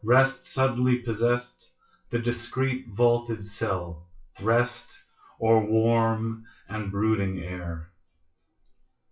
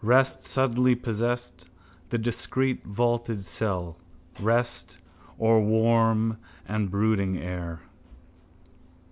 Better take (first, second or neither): second